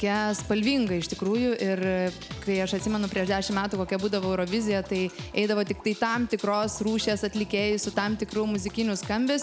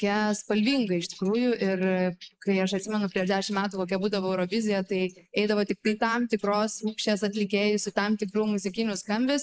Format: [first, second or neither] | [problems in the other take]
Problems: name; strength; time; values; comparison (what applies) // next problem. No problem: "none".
first | noise reduction (neural mask model Resemble Enhance denoiser)